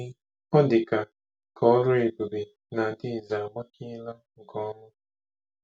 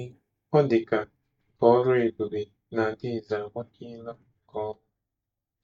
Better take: first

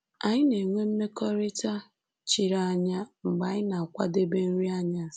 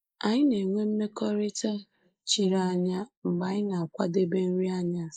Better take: first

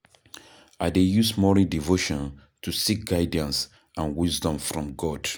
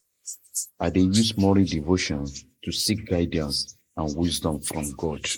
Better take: first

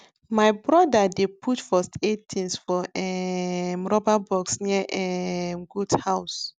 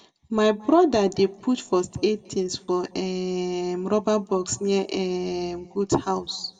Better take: first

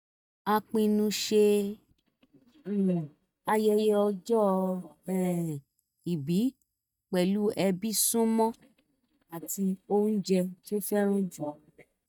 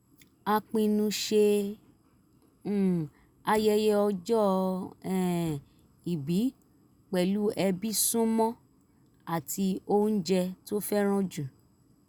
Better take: second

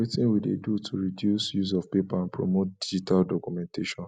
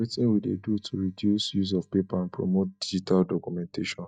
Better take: first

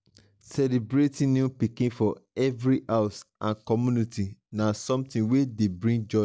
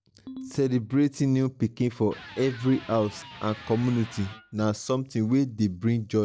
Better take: first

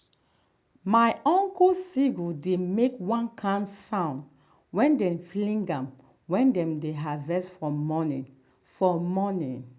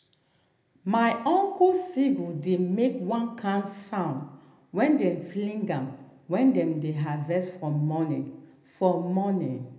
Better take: first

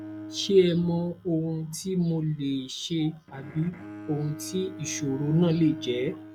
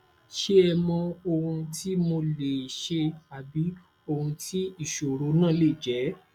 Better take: second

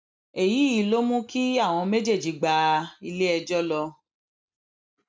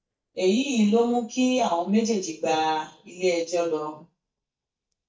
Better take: first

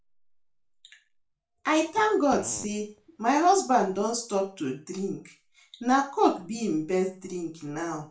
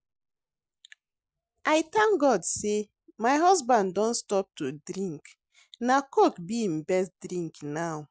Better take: second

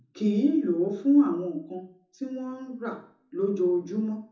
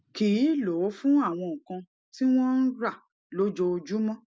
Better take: second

